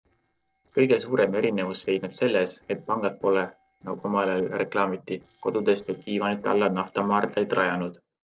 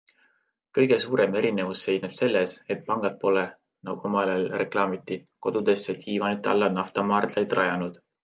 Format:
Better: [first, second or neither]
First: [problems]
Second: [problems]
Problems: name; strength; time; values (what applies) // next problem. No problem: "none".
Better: second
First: noise reduction (neural separator model SepFormer DNS4)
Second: none